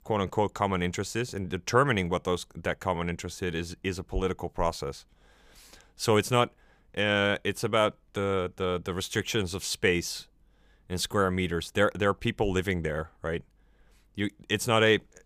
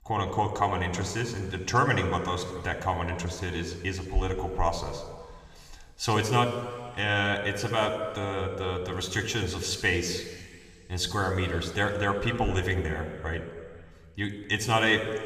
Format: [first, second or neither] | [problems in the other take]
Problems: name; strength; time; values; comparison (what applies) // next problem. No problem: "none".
first | room echo; slight; dies away in 2.1 s // off-mic speech; somewhat distant